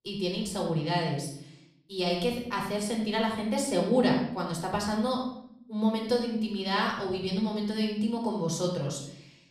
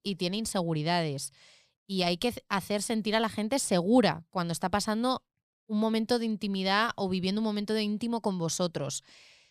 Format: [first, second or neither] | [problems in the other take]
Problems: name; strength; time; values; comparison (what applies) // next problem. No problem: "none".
second | off-mic speech; somewhat distant // room echo; noticeable; dies away in 0.6 s